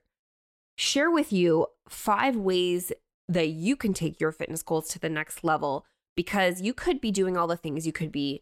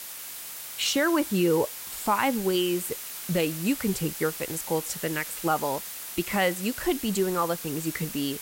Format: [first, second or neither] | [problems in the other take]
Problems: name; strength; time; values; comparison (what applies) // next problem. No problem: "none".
first | hiss; loud; throughout; 7 dB below the speech